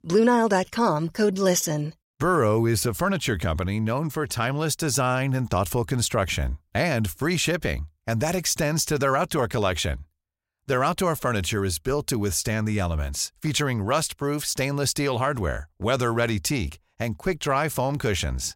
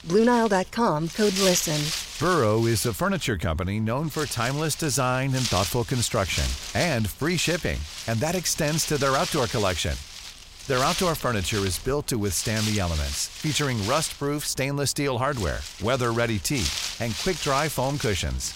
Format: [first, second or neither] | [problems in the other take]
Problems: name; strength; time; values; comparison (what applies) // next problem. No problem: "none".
first | wind noise on the microphone; heavy; 6 dB below the speech